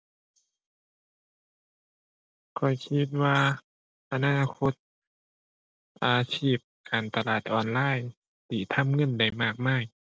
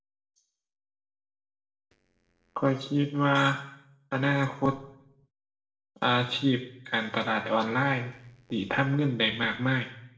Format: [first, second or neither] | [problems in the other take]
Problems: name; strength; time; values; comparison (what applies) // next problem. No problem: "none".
first | noise reduction (neural separator model SepFormer DNS4)